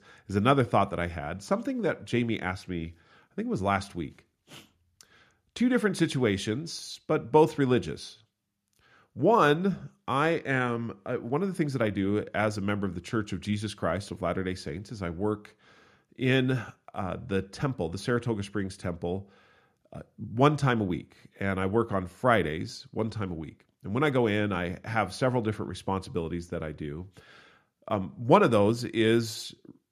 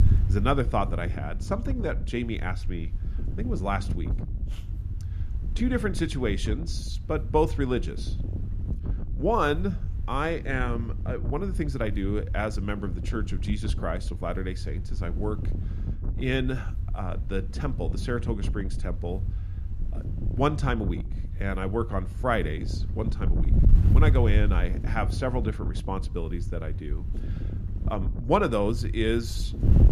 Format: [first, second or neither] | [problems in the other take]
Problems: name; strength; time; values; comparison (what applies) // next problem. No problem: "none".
first | wind noise on the microphone; occasional gusts; 15 dB below the speech